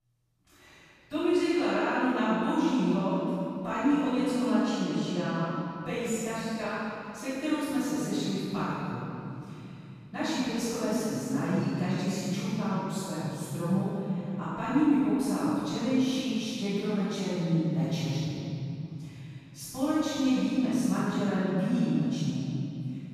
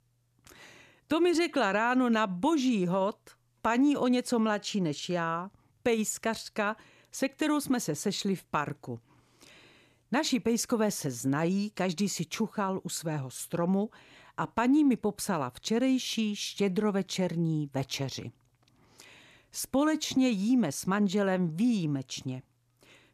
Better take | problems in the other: second | room echo; strong; dies away in 3 s // off-mic speech; far

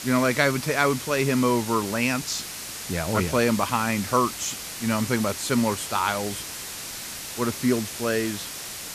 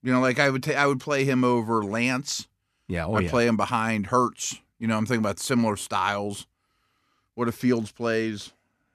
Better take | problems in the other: second | hiss; loud; throughout; 8 dB below the speech

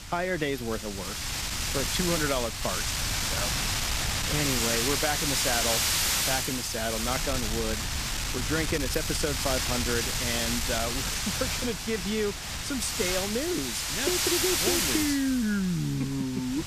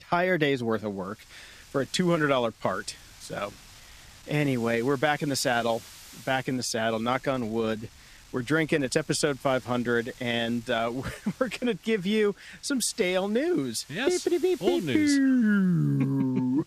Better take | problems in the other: second | wind noise on the microphone; heavy; 4 dB above the speech; occasional gusts in the second

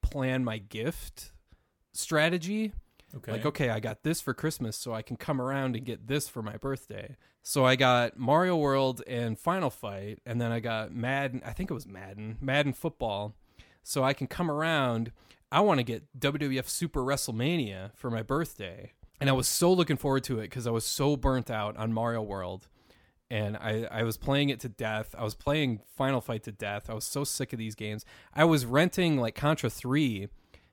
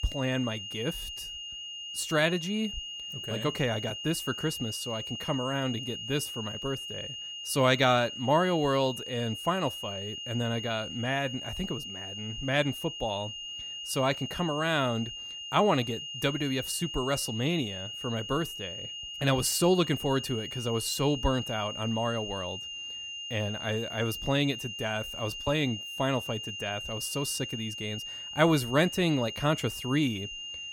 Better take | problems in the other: first | high-pitched whine; loud; throughout; 3 kHz, 7 dB below the speech

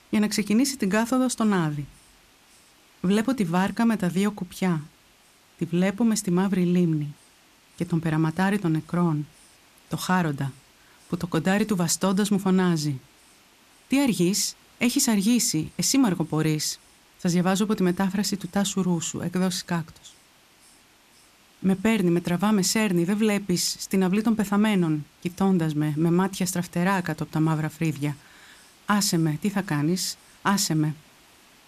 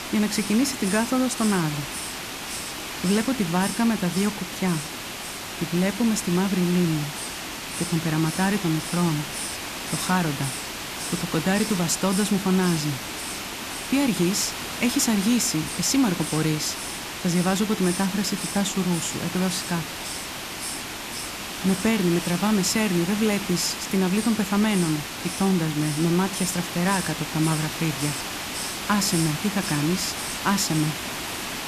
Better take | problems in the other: first | hiss; loud; throughout; 6 dB below the speech; faint in the first

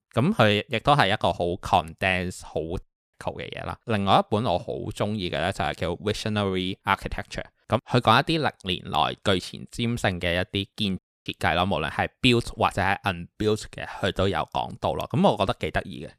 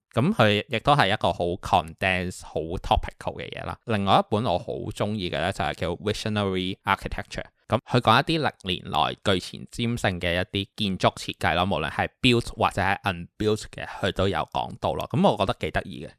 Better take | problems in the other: second | audio cutting out; at 3 s and at 11 s

